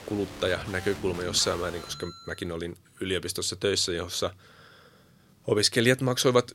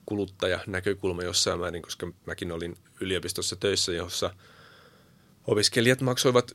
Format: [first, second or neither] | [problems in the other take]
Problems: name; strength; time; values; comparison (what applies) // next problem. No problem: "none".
second | background music; noticeable; until 2 s; 15 dB below the speech